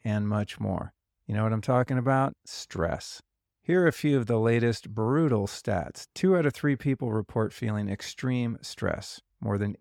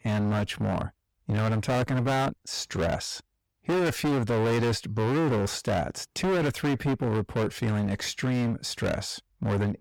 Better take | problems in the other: first | distortion; heavy; 25% of the sound clipped

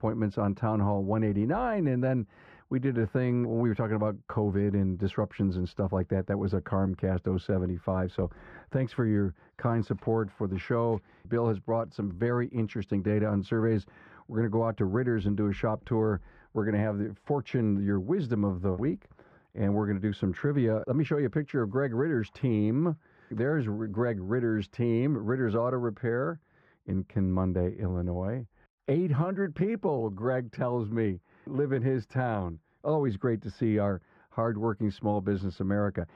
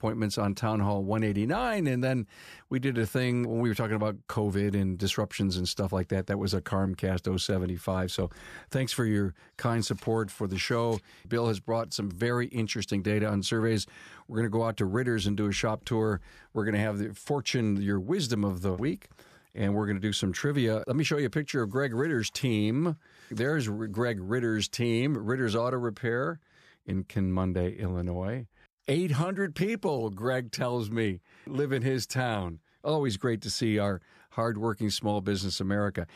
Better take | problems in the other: second | muffled; very; fading above 3.5 kHz

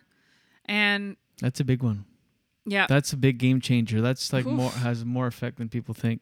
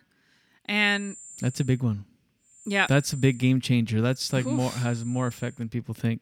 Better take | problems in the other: first | high-pitched whine; noticeable; at 1 s, at 2.5 s and from 4 to 5.5 s; 7 kHz, 20 dB below the speech

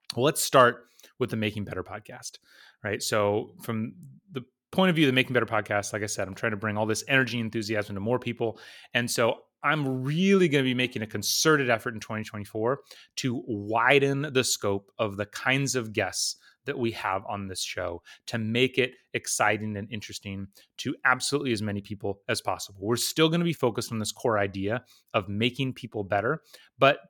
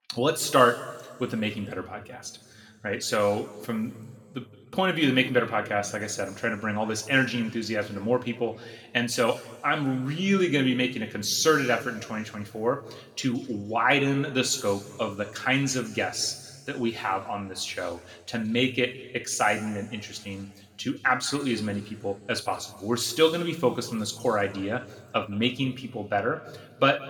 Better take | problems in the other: first | room echo; slight; dies away in 1.8 s // off-mic speech; somewhat distant

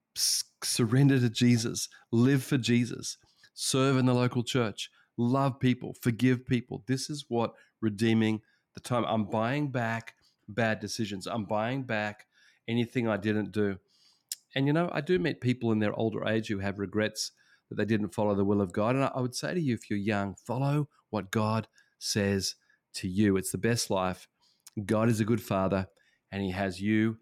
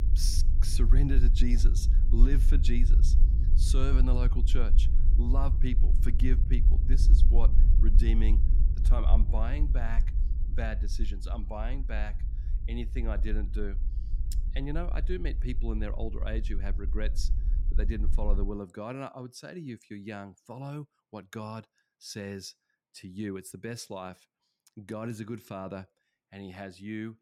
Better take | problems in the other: first | low rumble; loud; until 18 s; 9 dB below the speech

